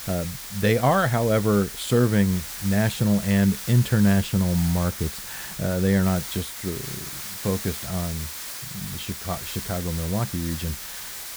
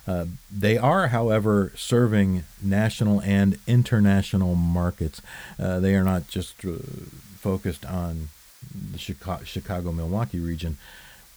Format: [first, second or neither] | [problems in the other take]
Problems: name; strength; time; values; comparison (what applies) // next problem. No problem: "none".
second | hiss; loud; throughout; 9 dB below the speech; faint in the second